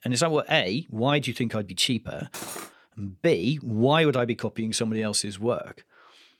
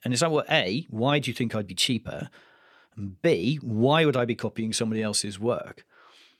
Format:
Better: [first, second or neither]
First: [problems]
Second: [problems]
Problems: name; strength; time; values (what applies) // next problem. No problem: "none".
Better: second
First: clattering dishes; faint; at 2.5 s; peak 10 dB below the speech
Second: none